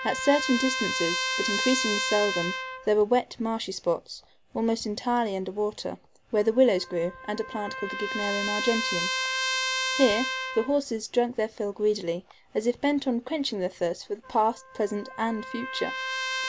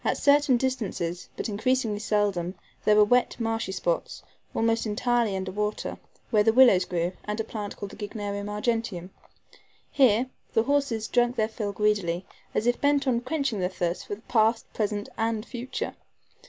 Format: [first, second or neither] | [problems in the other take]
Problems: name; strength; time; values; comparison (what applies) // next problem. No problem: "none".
second | background sound (Trumpet); 5 dB below the speech